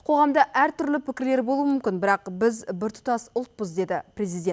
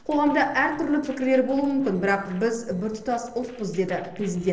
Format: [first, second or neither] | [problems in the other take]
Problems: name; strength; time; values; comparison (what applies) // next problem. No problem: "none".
first | noise reduction (neural separator model SepFormer DNS4)